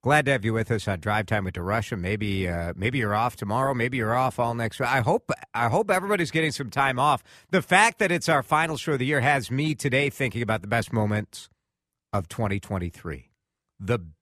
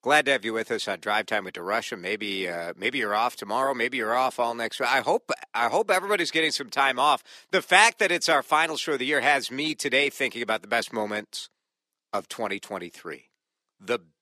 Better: first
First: none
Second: thin; somewhat; fading below 300 Hz

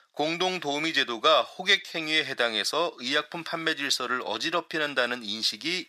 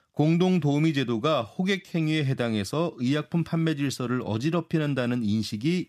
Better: second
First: thin; very; fading below 650 Hz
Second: none

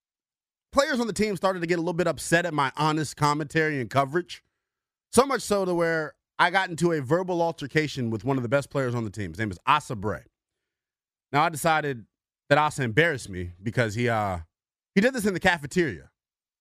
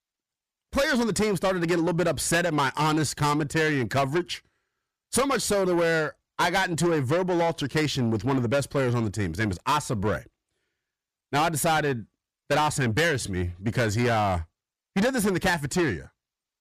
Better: first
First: none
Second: distortion; heavy; 6 dB below the speech

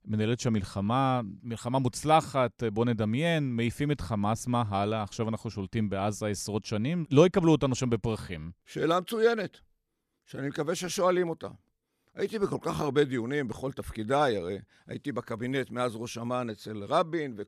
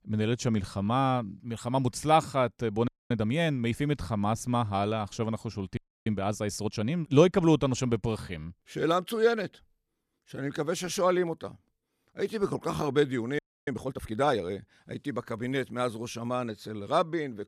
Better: first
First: none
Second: audio freezing; at 3 s, at 6 s and at 13 s

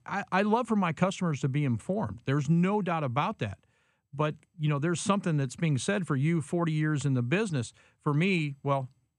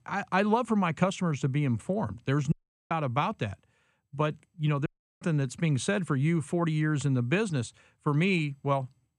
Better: first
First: none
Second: audio cutting out; at 2.5 s and at 5 s

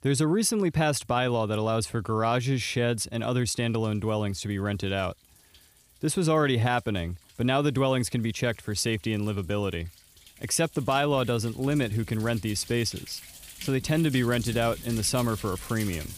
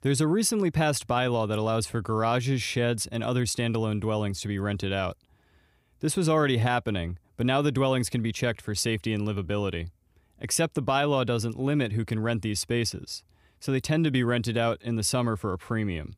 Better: second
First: rain or running water; noticeable; throughout; 15 dB below the speech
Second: none

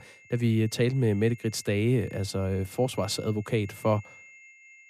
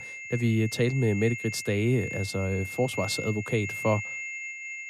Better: first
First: high-pitched whine; faint; throughout; 2 kHz, 20 dB below the speech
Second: high-pitched whine; loud; throughout; 2 kHz, 7 dB below the speech

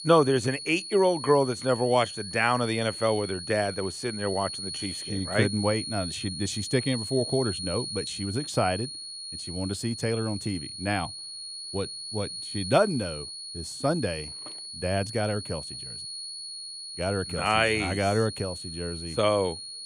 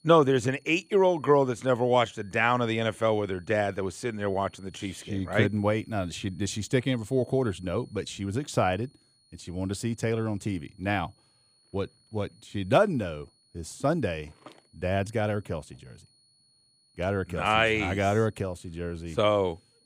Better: second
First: high-pitched whine; loud; throughout; 4.5 kHz, 7 dB below the speech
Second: high-pitched whine; faint; throughout; 4.5 kHz, 35 dB below the speech

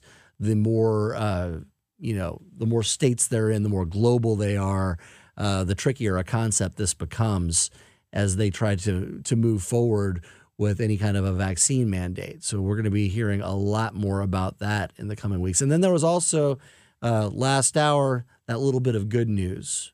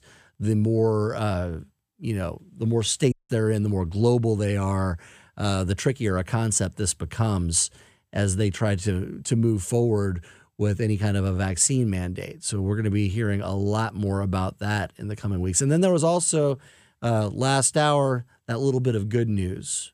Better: first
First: none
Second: audio cutting out; at 3 s

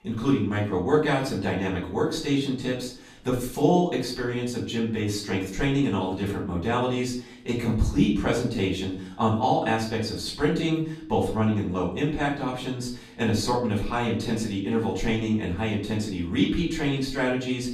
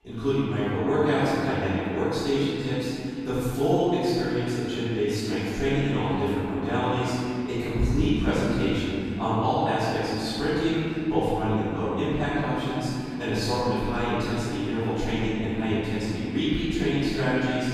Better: first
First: room echo; slight; dies away in 0.5 s // off-mic speech; far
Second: room echo; strong; dies away in 3 s // off-mic speech; far

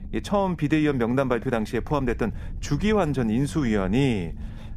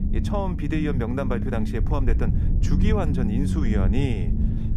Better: first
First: low rumble; faint; throughout; 25 dB below the speech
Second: low rumble; loud; throughout; 6 dB below the speech

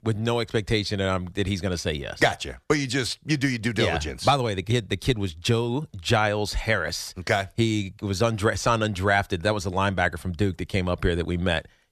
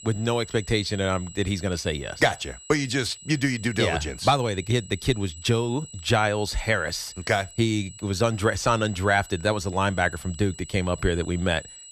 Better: first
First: none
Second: high-pitched whine; noticeable; throughout; 8 kHz, 15 dB below the speech

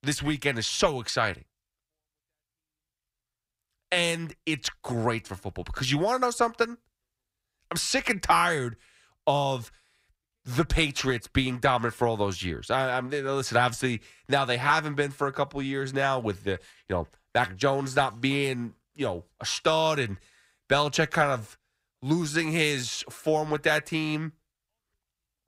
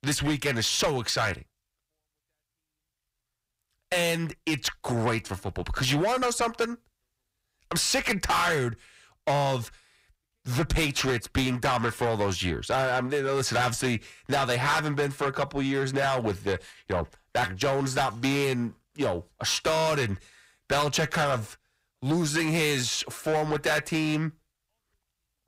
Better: first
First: none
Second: distortion; heavy; 6 dB below the speech

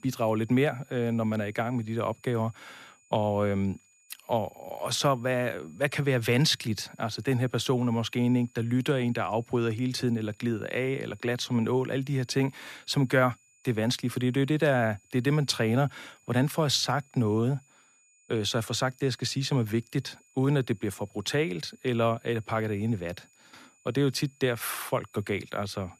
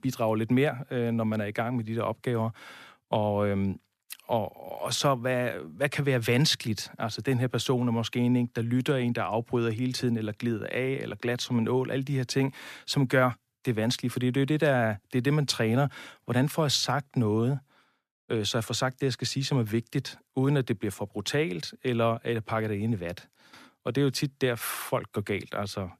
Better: second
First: high-pitched whine; faint; throughout; 7 kHz, 30 dB below the speech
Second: none

